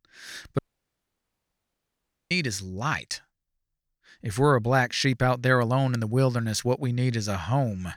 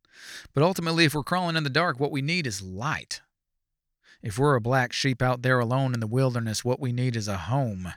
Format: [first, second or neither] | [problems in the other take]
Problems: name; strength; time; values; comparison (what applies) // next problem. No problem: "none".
second | audio cutting out; at 0.5 s for 1.5 s